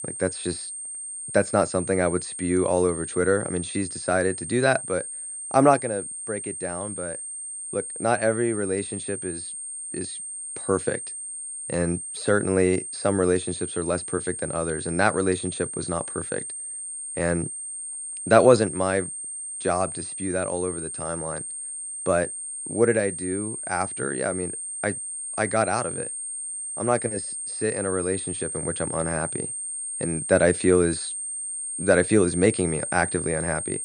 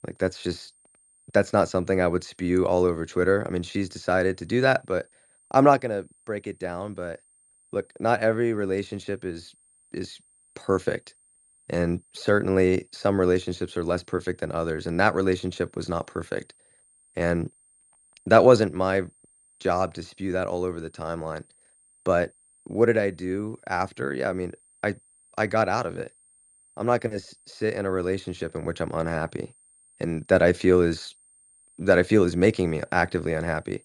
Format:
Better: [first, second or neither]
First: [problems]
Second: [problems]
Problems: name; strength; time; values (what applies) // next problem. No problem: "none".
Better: second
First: high-pitched whine; loud; throughout; 8.5 kHz, 6 dB below the speech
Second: high-pitched whine; faint; throughout; 8.5 kHz, 35 dB below the speech